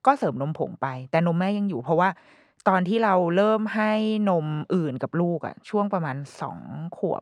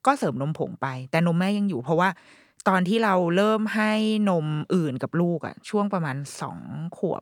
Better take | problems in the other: second | muffled; slightly; fading above 1.5 kHz

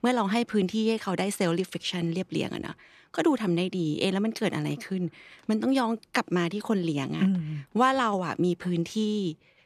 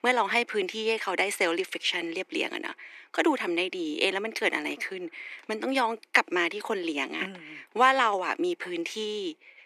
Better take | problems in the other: first | thin; somewhat; fading below 300 Hz

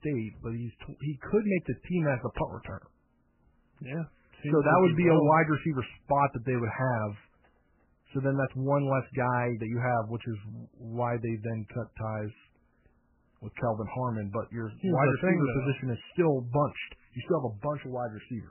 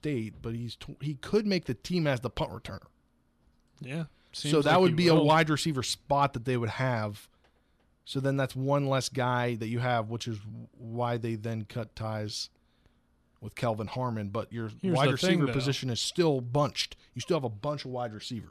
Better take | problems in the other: second | garbled, watery; badly; nothing above 3 kHz

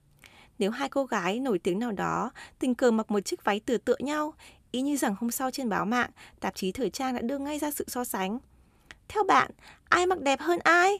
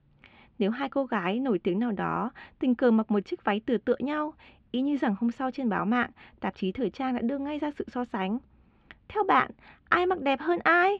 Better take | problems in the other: first | muffled; very; fading above 3.5 kHz

